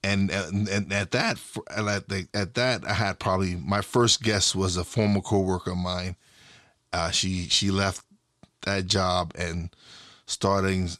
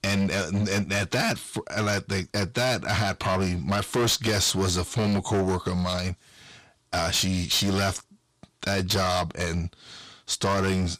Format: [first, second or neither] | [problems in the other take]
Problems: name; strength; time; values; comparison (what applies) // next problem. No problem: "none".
first | distortion; heavy; 14% of the sound clipped